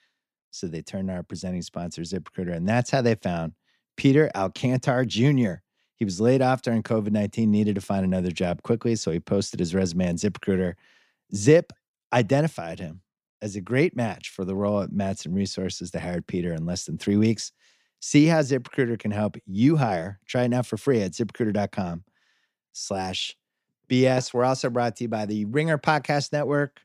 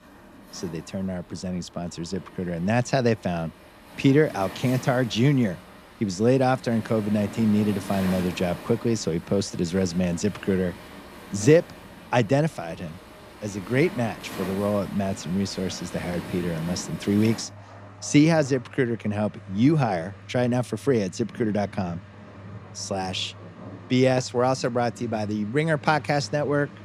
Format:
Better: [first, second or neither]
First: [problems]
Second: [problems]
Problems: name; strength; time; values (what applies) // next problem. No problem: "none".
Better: first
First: none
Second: rain or running water; noticeable; throughout; 15 dB below the speech